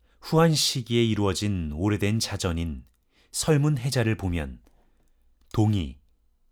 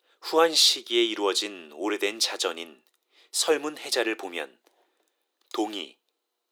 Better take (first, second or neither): first